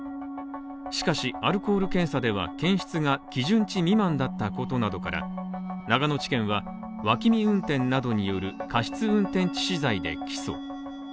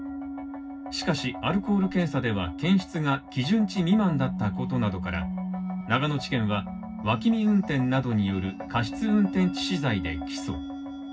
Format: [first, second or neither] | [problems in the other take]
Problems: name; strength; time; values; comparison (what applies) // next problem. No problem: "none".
first | room echo; dies away in 0.4 s